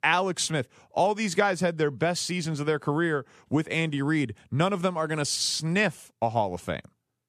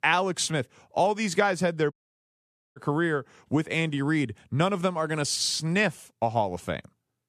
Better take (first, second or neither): first